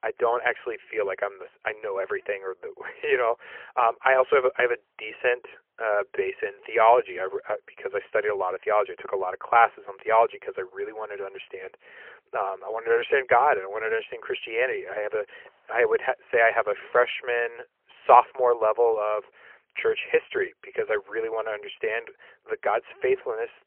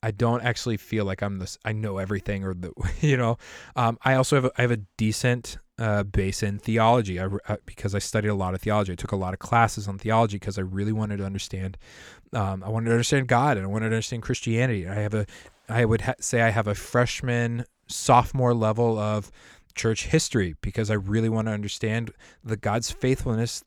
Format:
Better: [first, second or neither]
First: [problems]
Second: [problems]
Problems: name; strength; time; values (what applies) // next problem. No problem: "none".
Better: second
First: phone-call audio; poor line; nothing above 3 kHz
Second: none